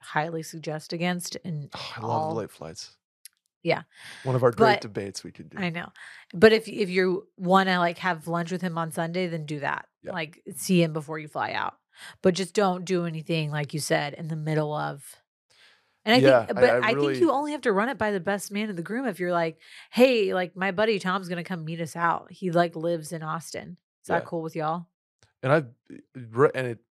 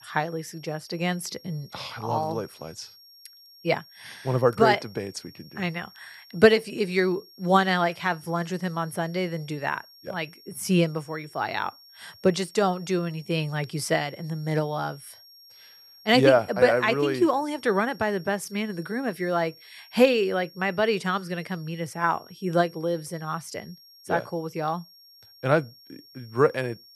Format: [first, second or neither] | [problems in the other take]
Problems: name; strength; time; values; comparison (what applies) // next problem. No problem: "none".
first | high-pitched whine; faint; throughout; 5.5 kHz, 25 dB below the speech